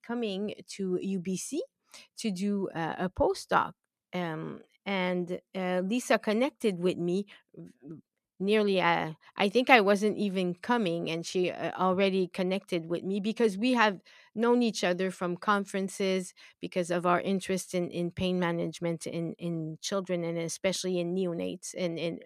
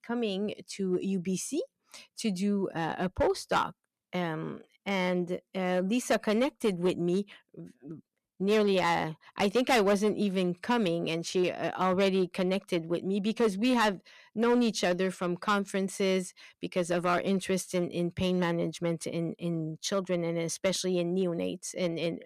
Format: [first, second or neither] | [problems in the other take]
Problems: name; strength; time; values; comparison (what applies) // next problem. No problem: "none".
first | distortion; slight; 3% of the sound clipped